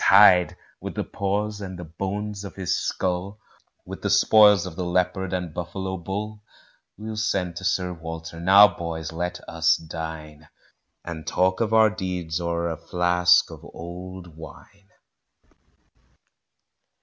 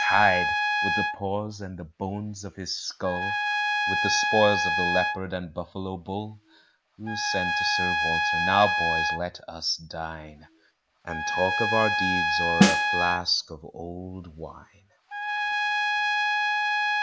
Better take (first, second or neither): first